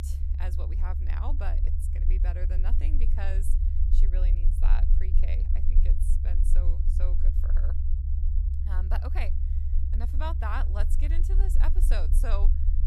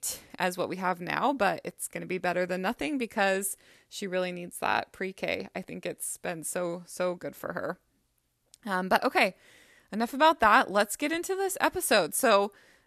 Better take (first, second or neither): second